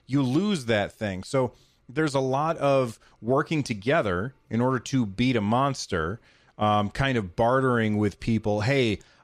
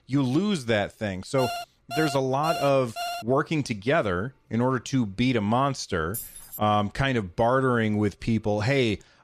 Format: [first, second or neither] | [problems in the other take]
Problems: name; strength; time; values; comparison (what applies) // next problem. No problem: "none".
first | alarm; noticeable; from 1.5 to 3 s; peak 7 dB below the speech // jangling keys; noticeable; at 6 s; peak 10 dB below the speech